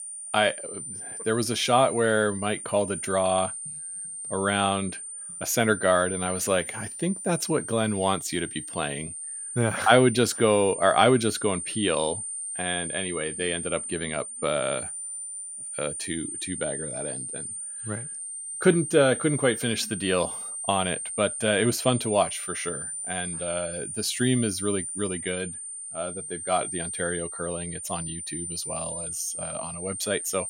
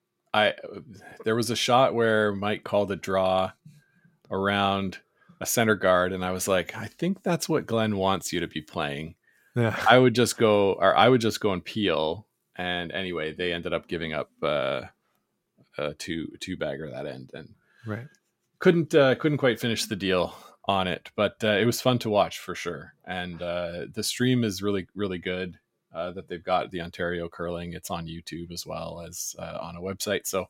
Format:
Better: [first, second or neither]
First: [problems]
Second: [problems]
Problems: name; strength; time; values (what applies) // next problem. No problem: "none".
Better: second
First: high-pitched whine; loud; throughout; 9 kHz, 6 dB below the speech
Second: none